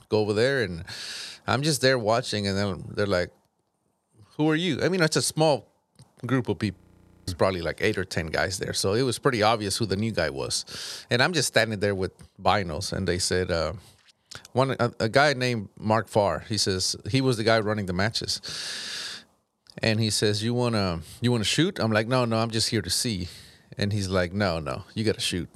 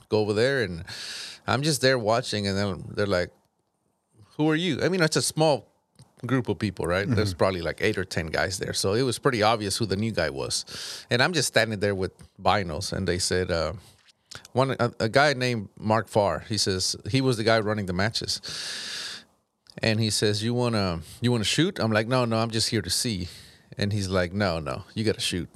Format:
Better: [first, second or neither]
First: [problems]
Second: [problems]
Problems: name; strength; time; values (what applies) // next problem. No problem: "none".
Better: second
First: audio freezing; at 7 s for 0.5 s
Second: none